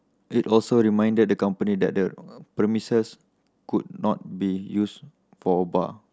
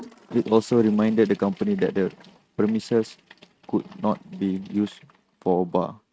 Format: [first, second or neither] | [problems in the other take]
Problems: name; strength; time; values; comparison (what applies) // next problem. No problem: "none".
first | noise reduction (neural mask model RNNoise)